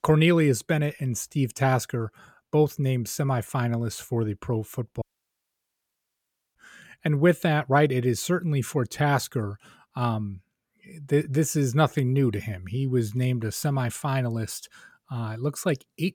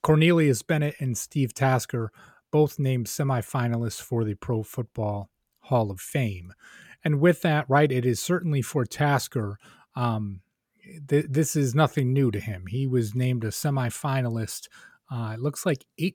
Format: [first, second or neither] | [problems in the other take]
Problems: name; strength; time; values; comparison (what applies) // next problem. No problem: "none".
second | audio cutting out; at 5 s for 1.5 s